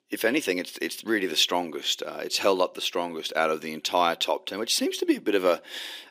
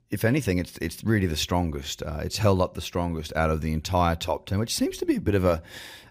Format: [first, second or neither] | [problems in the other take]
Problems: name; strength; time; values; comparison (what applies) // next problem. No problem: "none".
second | thin; somewhat; fading below 300 Hz